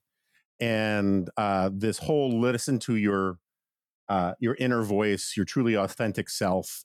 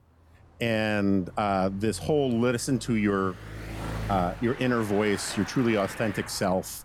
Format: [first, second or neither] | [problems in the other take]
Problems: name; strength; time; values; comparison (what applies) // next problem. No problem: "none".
first | traffic noise; noticeable; throughout; 15 dB below the speech